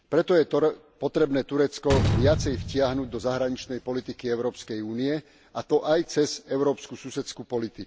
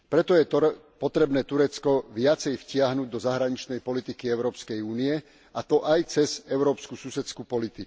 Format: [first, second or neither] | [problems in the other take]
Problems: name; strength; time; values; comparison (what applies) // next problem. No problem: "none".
second | background sound (Slam); 5 dB below the speech